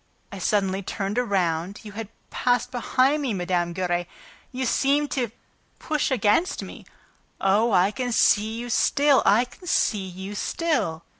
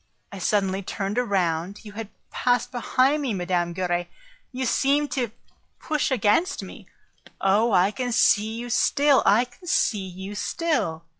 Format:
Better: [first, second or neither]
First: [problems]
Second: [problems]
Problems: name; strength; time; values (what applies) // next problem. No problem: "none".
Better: first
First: none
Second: noise reduction (classical method log-MMSE)